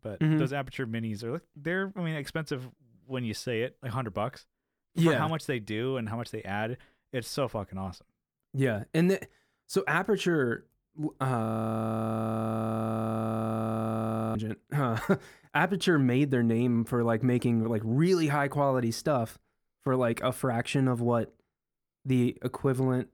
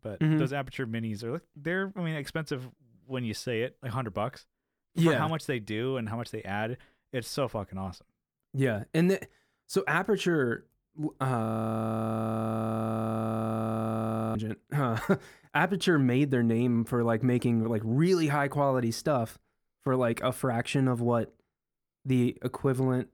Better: neither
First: audio freezing; at 11 s for 3 s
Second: audio freezing; at 11 s for 3 s

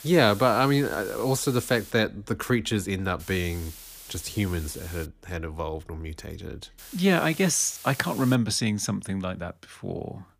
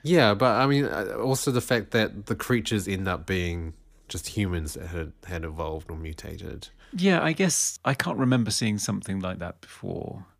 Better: second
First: hiss; noticeable; until 2 s, from 3 to 5 s and from 7 to 8.5 s; 15 dB below the speech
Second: none

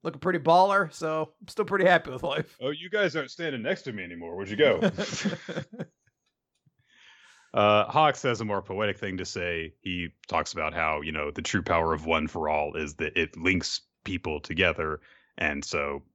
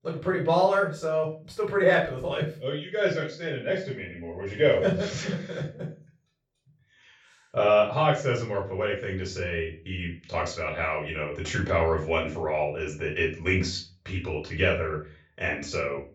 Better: first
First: none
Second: off-mic speech; far // room echo; slight; dies away in 0.3 s

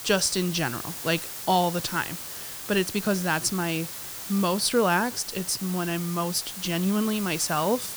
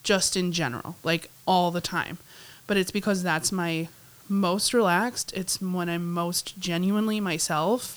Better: second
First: hiss; loud; throughout; 8 dB below the speech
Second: hiss; faint; throughout; 25 dB below the speech

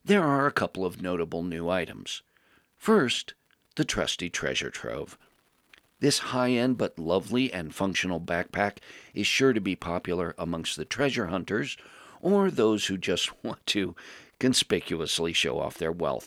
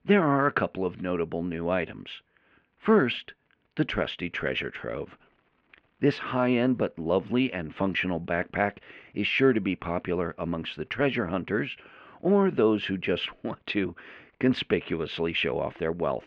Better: first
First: none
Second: muffled; very; fading above 2.5 kHz

